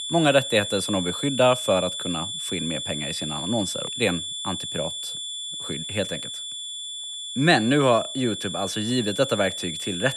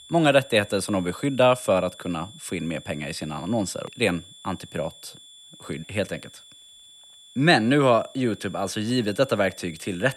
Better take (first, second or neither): second